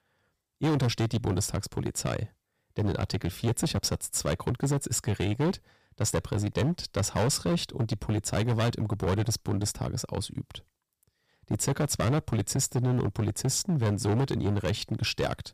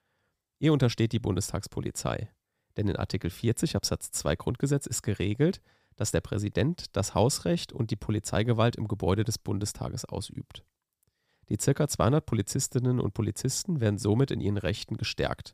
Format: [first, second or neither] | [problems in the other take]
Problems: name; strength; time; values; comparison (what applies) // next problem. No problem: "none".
second | distortion; heavy; 11% of the sound clipped